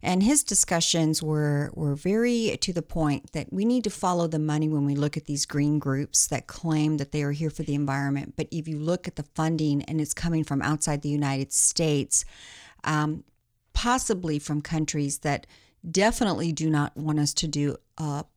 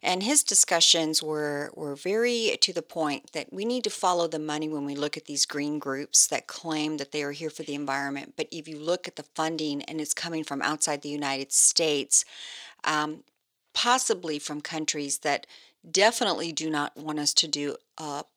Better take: first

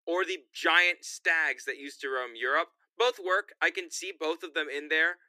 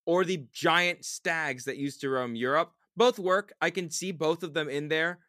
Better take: second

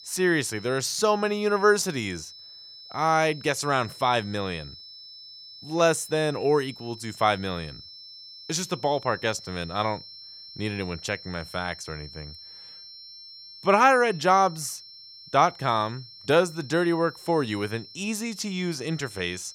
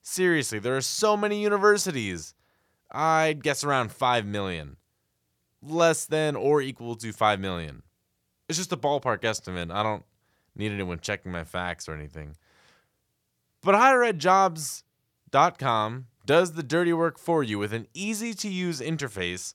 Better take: second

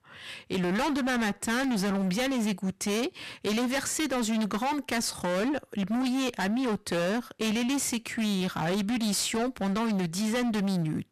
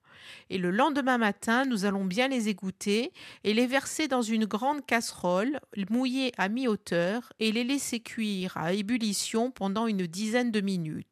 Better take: second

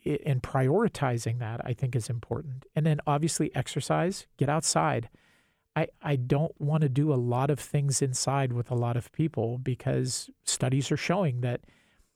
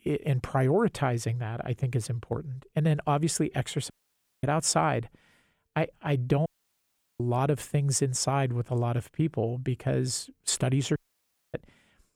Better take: first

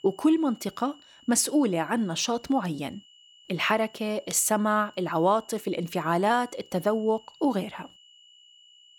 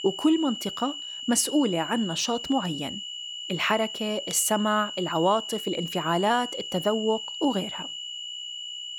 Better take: first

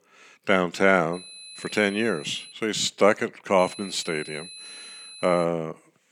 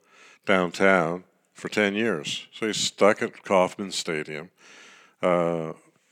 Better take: second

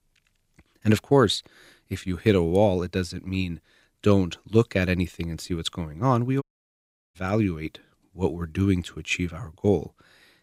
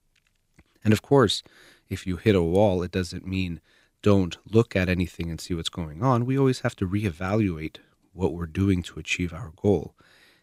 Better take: second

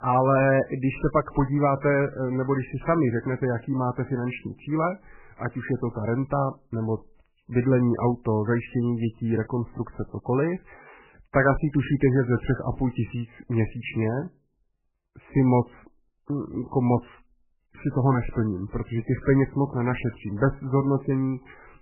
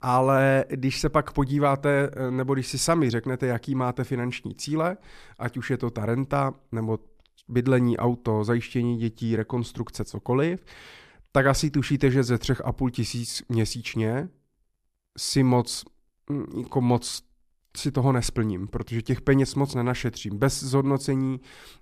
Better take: second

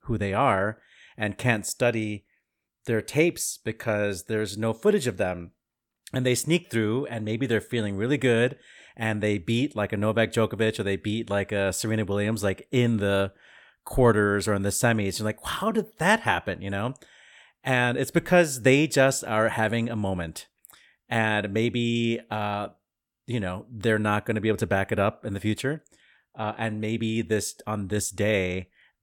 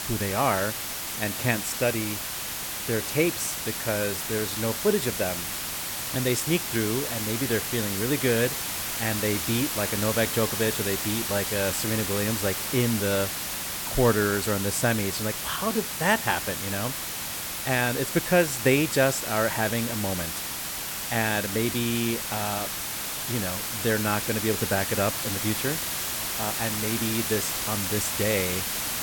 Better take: first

